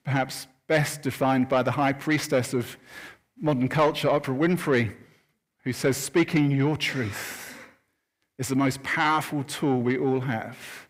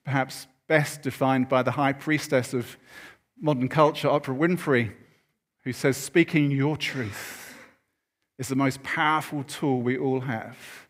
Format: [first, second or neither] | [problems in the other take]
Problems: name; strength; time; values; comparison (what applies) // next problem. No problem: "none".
second | distortion; slight; 10 dB below the speech